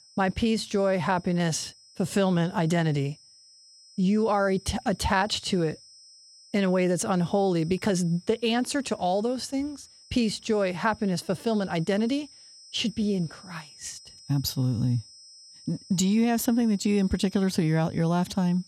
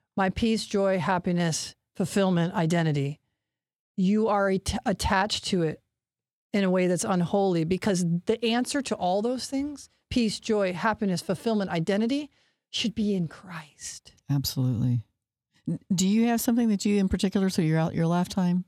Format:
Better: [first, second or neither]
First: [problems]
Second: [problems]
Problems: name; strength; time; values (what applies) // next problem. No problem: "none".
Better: second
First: high-pitched whine; faint; throughout; 5 kHz, 25 dB below the speech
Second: none